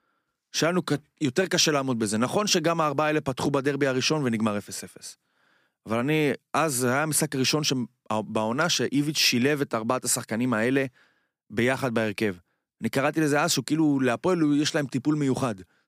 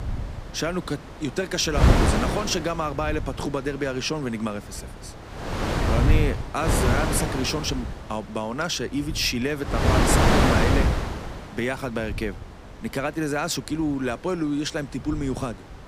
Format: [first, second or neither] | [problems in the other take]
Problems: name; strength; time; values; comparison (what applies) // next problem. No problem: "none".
first | wind noise on the microphone; heavy; 2 dB above the speech